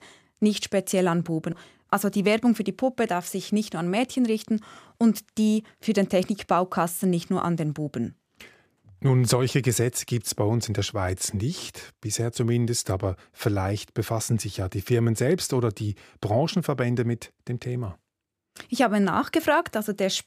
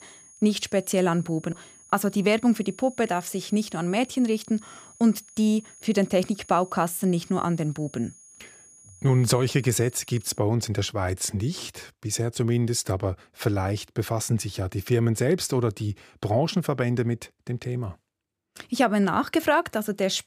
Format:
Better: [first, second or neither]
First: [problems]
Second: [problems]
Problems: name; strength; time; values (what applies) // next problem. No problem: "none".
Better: first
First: none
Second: high-pitched whine; faint; until 10 s; 6.5 kHz, 20 dB below the speech